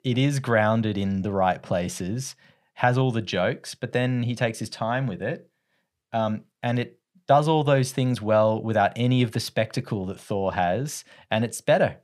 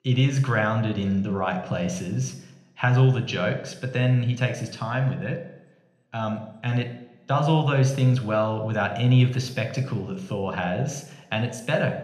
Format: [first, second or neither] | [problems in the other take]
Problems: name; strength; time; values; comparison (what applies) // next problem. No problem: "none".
first | room echo; slight; dies away in 0.7 s